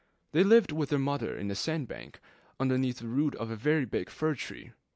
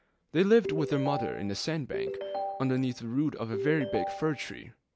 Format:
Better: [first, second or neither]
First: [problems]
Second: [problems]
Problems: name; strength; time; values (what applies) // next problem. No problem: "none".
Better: first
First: none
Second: background sound (Ringtone); 6 dB below the speech